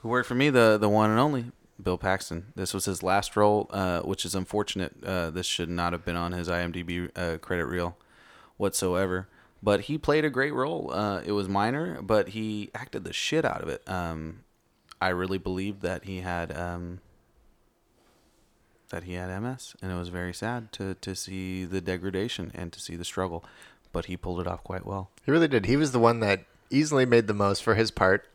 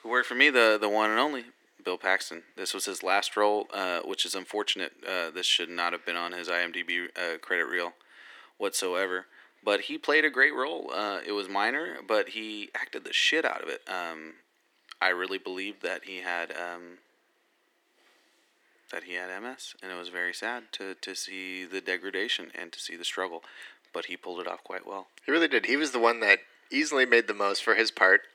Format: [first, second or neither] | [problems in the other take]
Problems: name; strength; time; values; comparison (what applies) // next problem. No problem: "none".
first | thin; somewhat; fading below 300 Hz